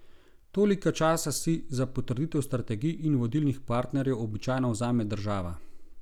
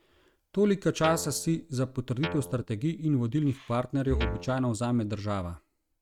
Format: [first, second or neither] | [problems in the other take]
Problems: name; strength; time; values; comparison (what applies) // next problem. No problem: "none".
first | noise reduction (neural mask model RNNoise)